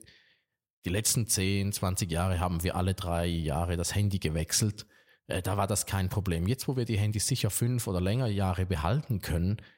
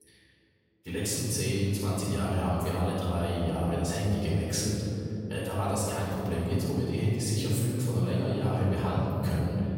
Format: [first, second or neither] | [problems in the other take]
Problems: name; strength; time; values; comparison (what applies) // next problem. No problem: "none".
first | room echo; strong; dies away in 3 s // off-mic speech; far